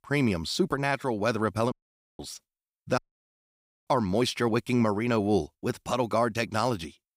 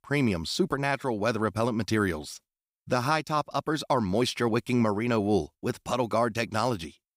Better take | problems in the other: second | audio cutting out; at 1.5 s and at 3 s for 1 s

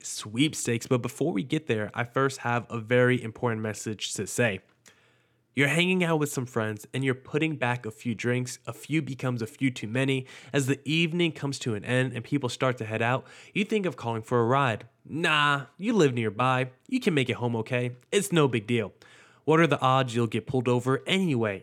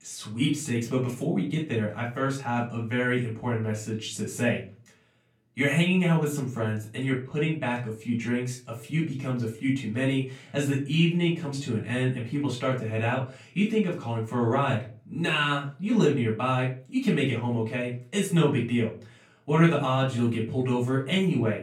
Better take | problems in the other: first | off-mic speech; far // room echo; slight; dies away in 0.3 s

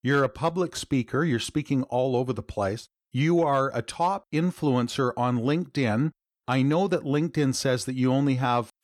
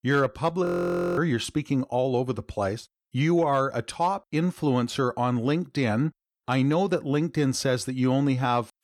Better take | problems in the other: first | audio freezing; at 0.5 s for 0.5 s

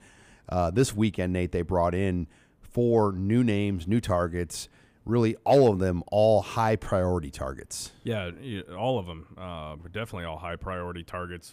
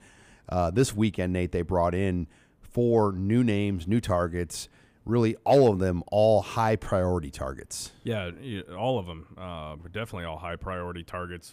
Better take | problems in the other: neither | none

